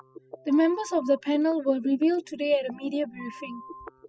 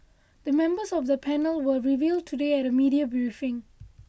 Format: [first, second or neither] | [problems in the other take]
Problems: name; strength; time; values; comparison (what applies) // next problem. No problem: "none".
second | noise reduction (classical method spectral subtraction)